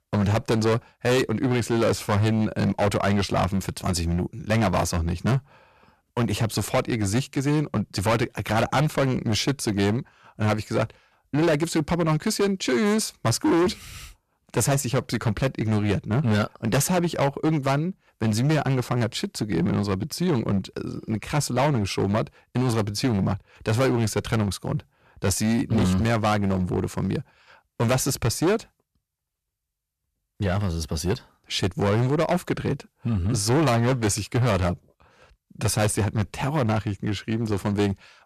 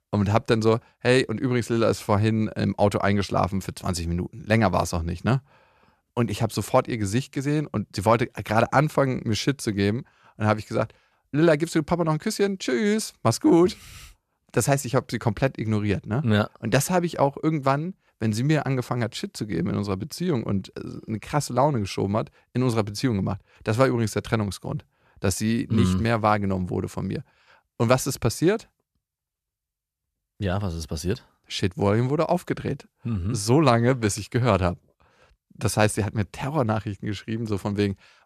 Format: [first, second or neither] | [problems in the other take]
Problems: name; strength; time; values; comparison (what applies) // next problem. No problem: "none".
second | distortion; heavy; 12% of the sound clipped